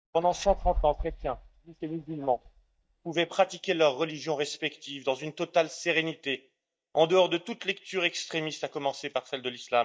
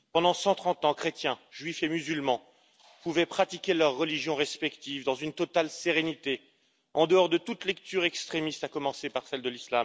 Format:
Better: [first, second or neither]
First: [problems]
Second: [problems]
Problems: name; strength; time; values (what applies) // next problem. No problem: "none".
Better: second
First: noise reduction (neural mask model DeepFilterNet 3)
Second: none